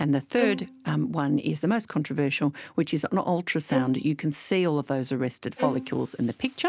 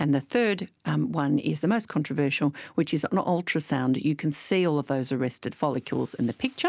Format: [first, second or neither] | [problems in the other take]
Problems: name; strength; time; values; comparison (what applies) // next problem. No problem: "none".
second | background sound (Bowed string instrument); 6 dB below the speech